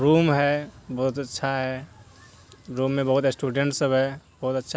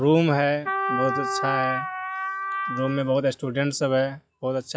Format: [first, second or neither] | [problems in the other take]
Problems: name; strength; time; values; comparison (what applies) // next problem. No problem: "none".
first | noise reduction (classical method log-MMSE)